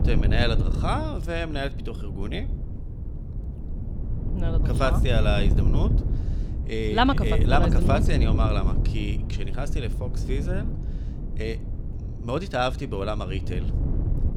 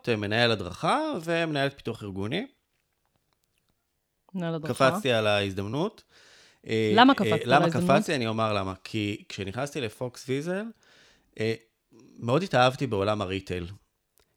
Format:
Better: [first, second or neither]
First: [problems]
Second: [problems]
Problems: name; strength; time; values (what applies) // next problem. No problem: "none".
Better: second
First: wind noise on the microphone; occasional gusts; 10 dB below the speech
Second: none